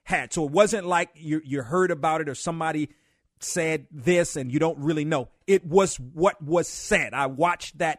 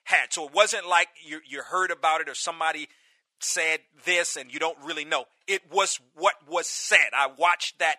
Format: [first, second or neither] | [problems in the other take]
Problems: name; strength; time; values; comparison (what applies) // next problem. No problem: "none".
first | thin; very; fading below 800 Hz